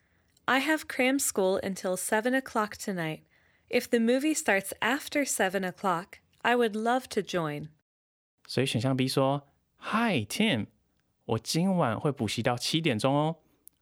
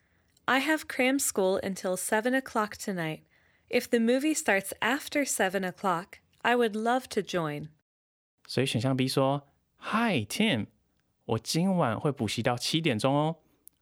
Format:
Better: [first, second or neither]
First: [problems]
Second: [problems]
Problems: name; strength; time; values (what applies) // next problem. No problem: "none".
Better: neither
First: none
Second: none